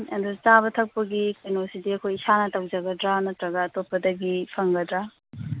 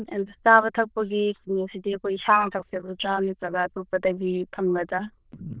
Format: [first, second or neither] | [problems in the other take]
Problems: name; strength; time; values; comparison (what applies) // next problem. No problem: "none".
first | noise reduction (neural diffusion model UNIVERSE++)